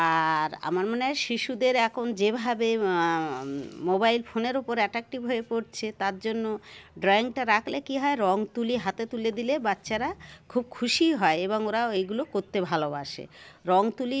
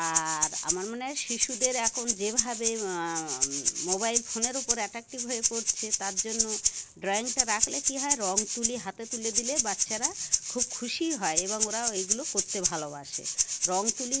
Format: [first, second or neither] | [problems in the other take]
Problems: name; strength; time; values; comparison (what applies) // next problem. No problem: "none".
first | noise reduction (neural mask model Resemble Enhance denoiser)